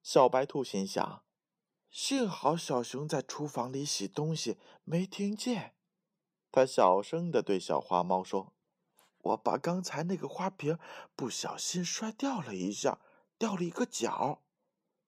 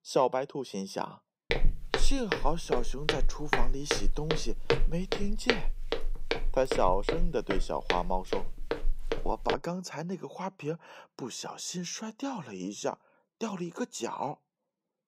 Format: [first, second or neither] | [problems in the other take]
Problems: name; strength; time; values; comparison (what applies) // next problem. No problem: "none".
first | footsteps; loud; from 1.5 to 9.5 s; peak 4 dB above the speech